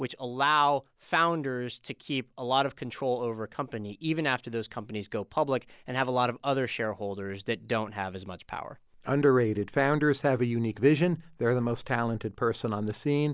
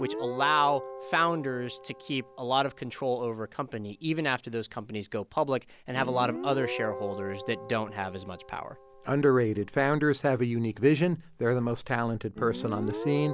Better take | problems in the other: first | background sound (Guitar); 12 dB below the speech

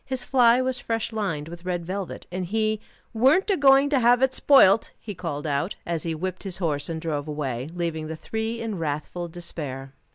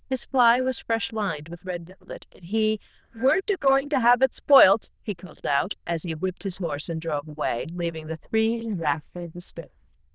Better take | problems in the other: first | noise reduction (neural diffusion model UNIVERSE++)

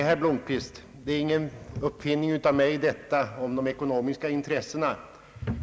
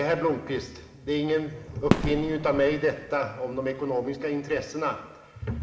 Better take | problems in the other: first | background sound (Fireworks); 5 dB below the speech // room echo; dies away in 0.8 s

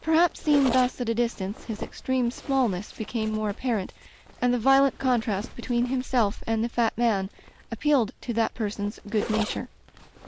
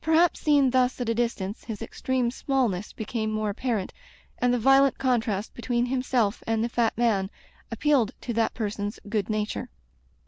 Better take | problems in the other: second | background sound (Zipper (clothing)); 13 dB below the speech

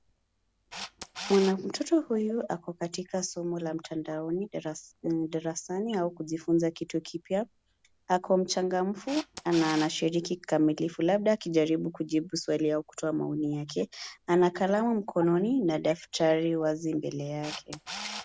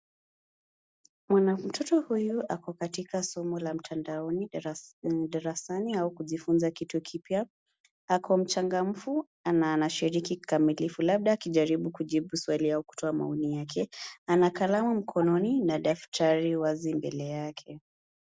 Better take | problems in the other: second | background sound (Camera); 19 dB below the speech

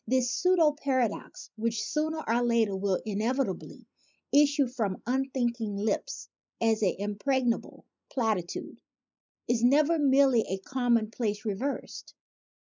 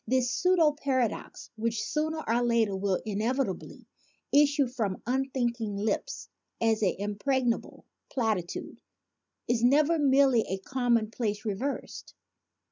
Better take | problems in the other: second | noise reduction (neural mask model Resemble Enhance denoiser)

